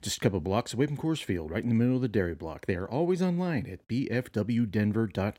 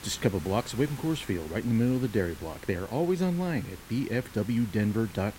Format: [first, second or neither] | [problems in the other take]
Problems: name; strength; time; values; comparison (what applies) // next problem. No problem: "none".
first | hiss; noticeable; throughout; 15 dB below the speech